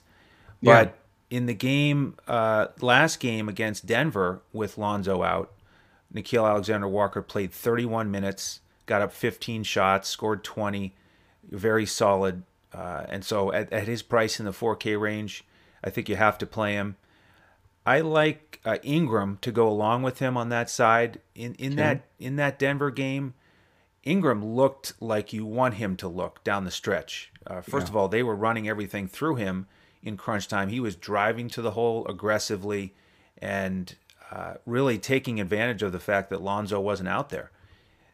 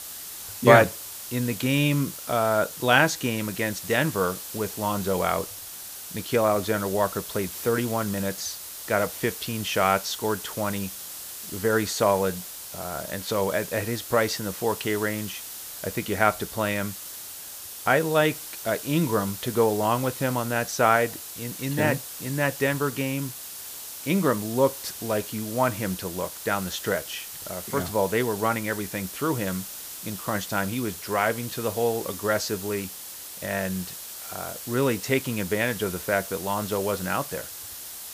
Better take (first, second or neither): first